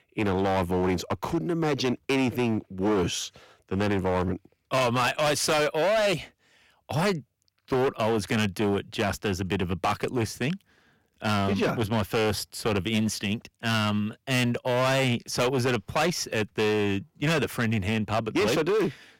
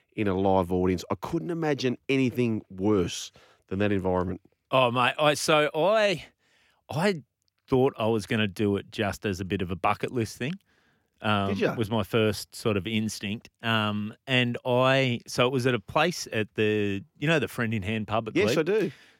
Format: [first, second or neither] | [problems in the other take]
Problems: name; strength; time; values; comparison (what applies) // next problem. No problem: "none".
second | distortion; heavy; 14% of the sound clipped